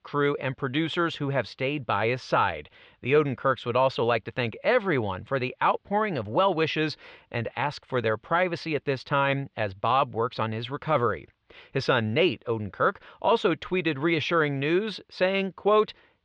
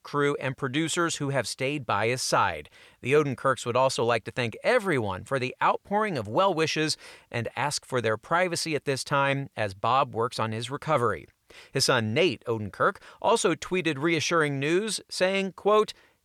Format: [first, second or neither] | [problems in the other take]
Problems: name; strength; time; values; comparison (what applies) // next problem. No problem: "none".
second | muffled; slightly; fading above 3.5 kHz